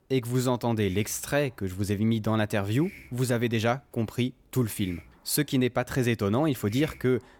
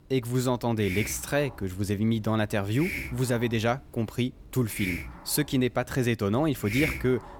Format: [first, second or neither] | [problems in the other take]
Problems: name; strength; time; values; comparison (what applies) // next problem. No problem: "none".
first | hiss; loud; throughout; 8 dB below the speech; faint in the first